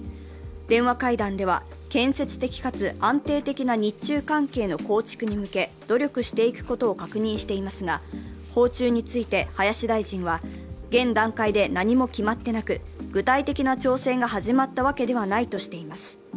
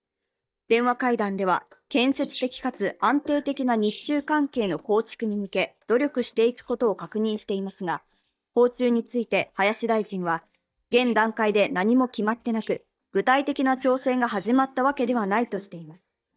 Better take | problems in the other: first | noise reduction (neural mask model DeepFilterNet 3)

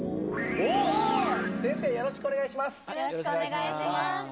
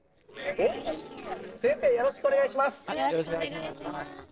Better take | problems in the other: first | noise reduction (neural separator model SepFormer DNS4)

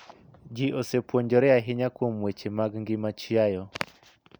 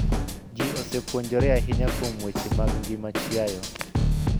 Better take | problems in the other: first | background sound (Drum kit); 4 dB above the speech

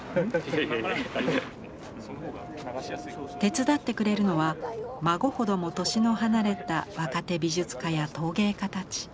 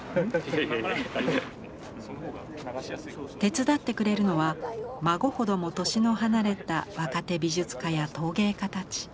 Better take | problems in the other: second | background sound (Wind instrument, woodwind instrument); 17 dB below the speech

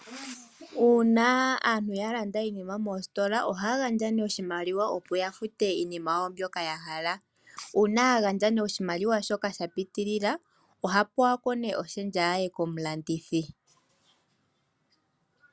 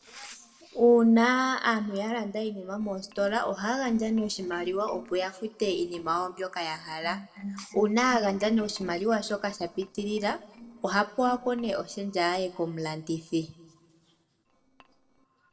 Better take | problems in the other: first | noise reduction (neural separator model SepFormer DNS4)

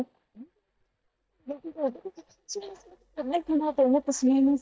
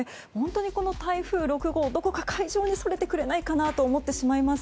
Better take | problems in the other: second | noise reduction (neural mask model DeepFilterNet 3)

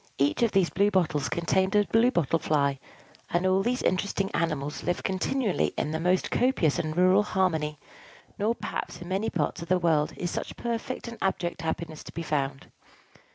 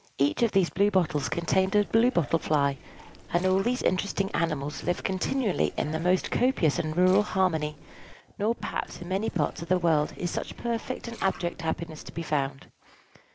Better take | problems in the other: first | background sound (Liquid); 20 dB below the speech

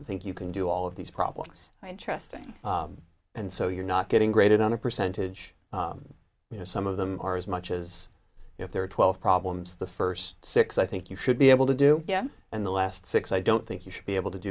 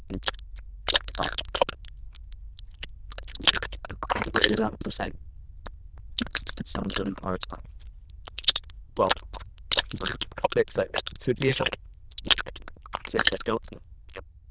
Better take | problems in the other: first | noise reduction (neural diffusion model UNIVERSE++)

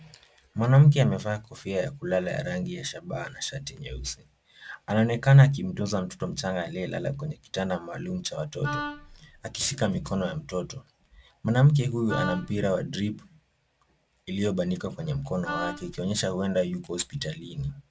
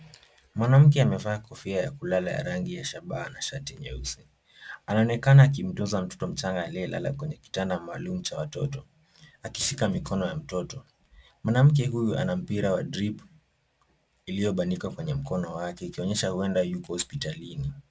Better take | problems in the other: second | background sound (Wind instrument, woodwind instrument); 9 dB below the speech

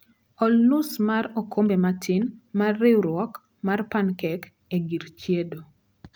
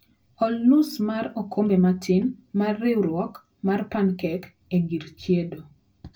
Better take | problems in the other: first | room echo; dies away in 0.1 s

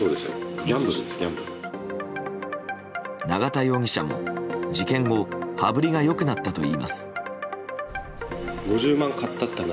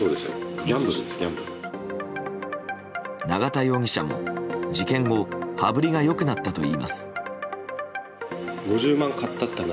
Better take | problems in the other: second | background sound (Sliding door); 15 dB below the speech

